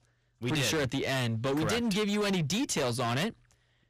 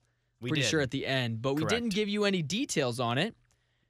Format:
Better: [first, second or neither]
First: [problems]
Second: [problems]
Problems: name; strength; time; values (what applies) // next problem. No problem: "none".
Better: second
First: distortion; heavy; 23% of the sound clipped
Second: none